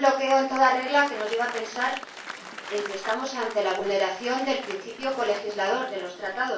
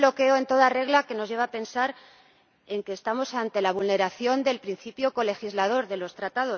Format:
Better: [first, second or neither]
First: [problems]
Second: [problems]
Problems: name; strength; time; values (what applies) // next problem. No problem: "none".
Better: second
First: background sound (Applause); 14 dB below the speech // room echo; dies away in 0.3 s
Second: none